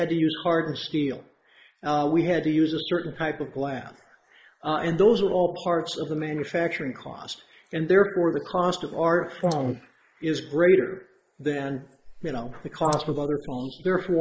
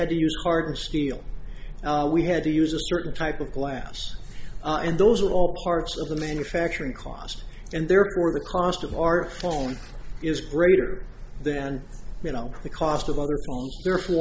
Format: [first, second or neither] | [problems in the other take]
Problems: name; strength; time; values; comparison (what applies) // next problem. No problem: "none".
second | noise reduction (neural mask model Resemble Enhance denoiser)